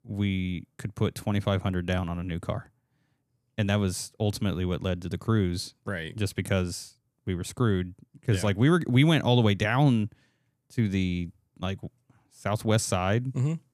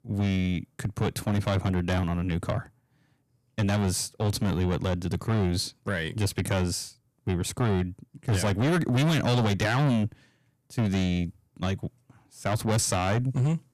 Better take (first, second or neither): first